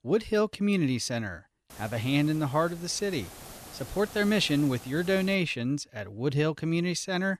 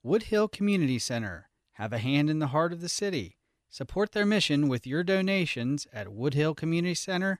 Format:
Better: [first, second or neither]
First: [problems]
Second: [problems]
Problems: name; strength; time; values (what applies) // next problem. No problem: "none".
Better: second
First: hiss; noticeable; from 1.5 to 5.5 s; 15 dB below the speech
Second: none